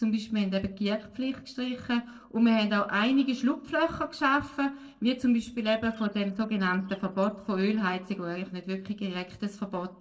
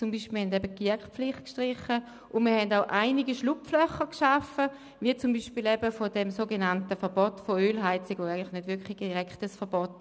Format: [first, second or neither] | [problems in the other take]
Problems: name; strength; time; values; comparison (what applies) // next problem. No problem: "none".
second | noise reduction (neural separator model SepFormer DNS4)